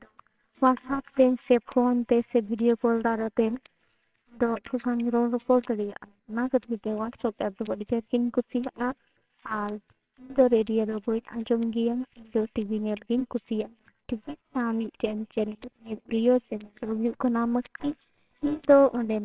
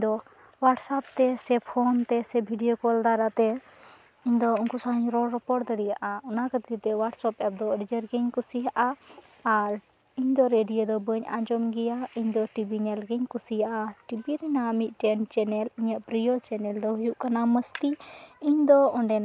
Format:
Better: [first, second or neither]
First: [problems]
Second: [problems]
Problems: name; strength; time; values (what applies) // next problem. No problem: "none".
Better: second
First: noise reduction (neural separator model SepFormer WHAMR!)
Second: none